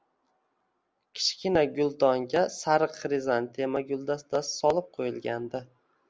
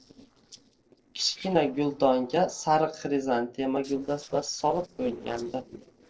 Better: first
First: none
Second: noise reduction (neural separator model SepFormer DNS4)

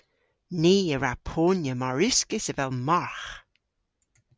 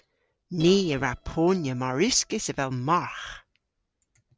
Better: first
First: none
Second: noise reduction (neural separator model SepFormer DNS4)

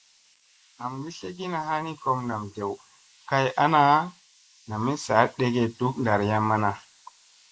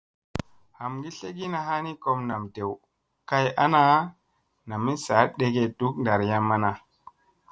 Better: second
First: noise reduction (neural mask model Resemble Enhance denoiser)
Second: none

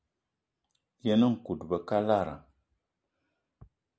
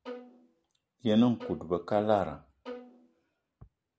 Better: first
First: none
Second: background sound (Bowed string instrument); 15 dB below the speech

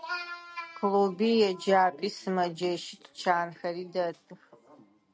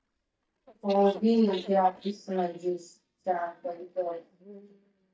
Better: first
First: none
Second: noise reduction (neural mask model DeepFilterNet 3)

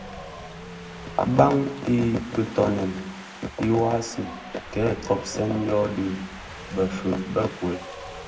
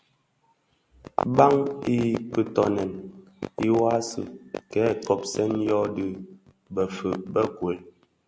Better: second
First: background sound (Wind); 14 dB below the speech // room echo; dies away in 0.4 s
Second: none

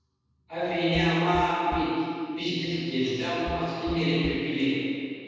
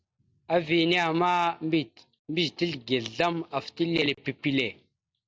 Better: second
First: background sound (Knock); 13 dB below the speech // room echo; dies away in 2.1 s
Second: none

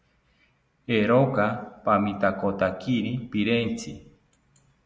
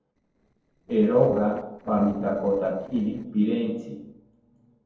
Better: first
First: none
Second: noise reduction (neural separator model SepFormer DNS4)

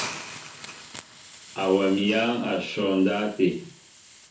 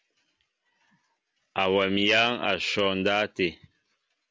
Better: second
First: background sound (Hiss); 15 dB below the speech // room echo; dies away in 0.7 s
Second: none

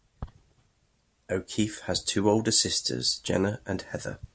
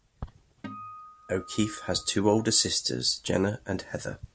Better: first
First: none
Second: background sound (Acoustic guitar); 16 dB below the speech

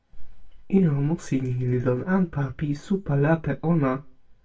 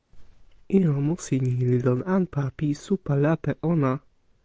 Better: second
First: room echo; dies away in 0.1 s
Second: none

